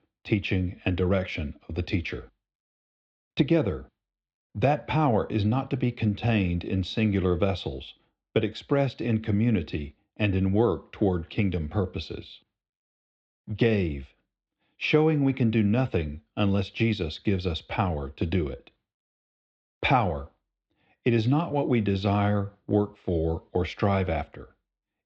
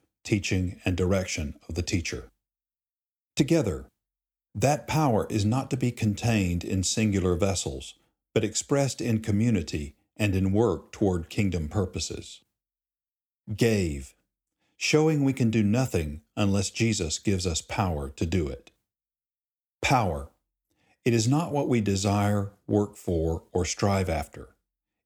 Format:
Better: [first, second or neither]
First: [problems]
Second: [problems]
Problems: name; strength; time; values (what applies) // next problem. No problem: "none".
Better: second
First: muffled; very; fading above 4 kHz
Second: none